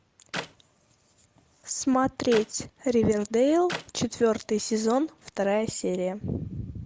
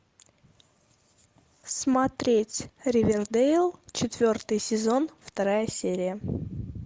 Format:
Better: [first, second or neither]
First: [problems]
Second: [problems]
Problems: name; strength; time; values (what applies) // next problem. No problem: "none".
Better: second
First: background sound (Clapping); 14 dB below the speech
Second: none